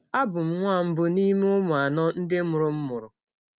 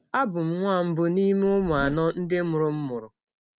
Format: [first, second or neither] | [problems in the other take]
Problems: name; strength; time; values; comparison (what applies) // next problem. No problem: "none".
first | background sound (Zipper (clothing)); 15 dB below the speech